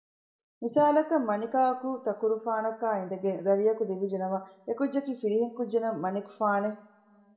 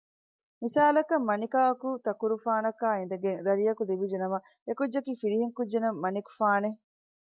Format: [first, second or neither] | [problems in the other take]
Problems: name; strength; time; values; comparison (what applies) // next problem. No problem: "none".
second | room echo; dies away in 1 s